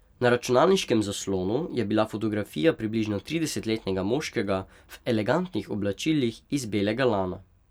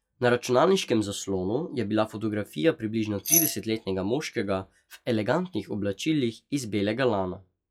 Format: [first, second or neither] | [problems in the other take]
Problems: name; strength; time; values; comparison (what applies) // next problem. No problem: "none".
first | noise reduction (classical method log-MMSE)